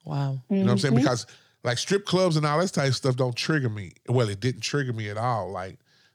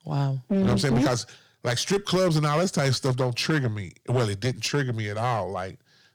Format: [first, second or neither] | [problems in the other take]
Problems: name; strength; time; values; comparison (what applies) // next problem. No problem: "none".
first | distortion; slight; 11% of the sound clipped